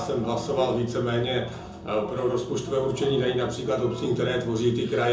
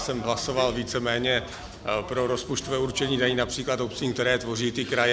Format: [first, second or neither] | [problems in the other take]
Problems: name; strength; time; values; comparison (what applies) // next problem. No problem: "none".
second | background sound (Keyboard (musical)); 18 dB below the speech // room echo; dies away in 0.5 s